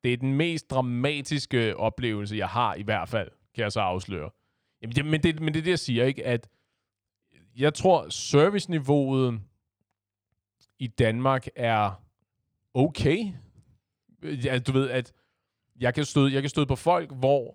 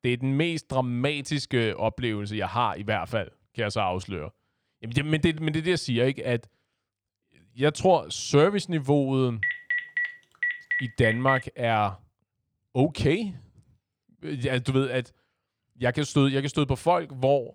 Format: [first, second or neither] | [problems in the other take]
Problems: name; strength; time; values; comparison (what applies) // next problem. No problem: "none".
first | phone ringing; noticeable; from 9.5 to 11 s; peak level with the speech